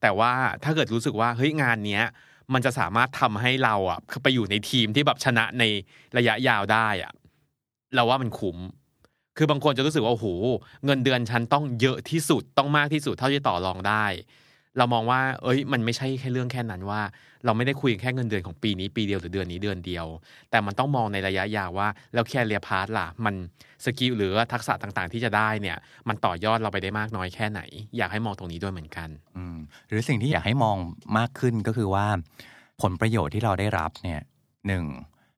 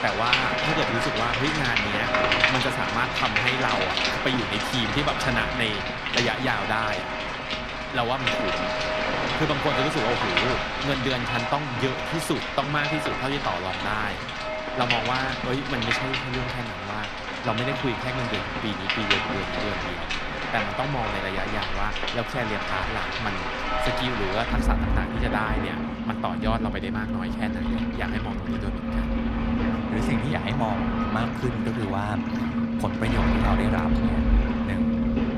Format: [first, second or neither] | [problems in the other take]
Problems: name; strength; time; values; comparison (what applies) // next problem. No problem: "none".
first | rain or running water; very loud; throughout; 3 dB above the speech